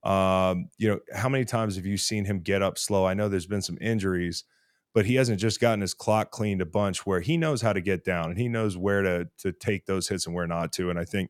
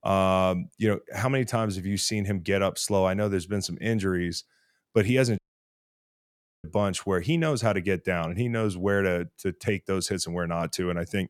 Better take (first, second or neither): first